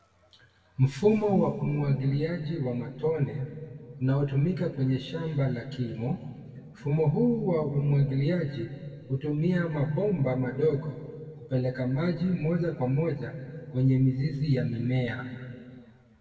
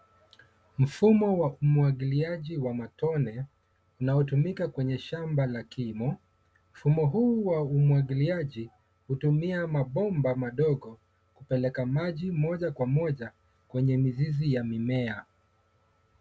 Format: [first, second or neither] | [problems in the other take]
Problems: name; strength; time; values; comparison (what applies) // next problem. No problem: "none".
second | room echo; dies away in 2.1 s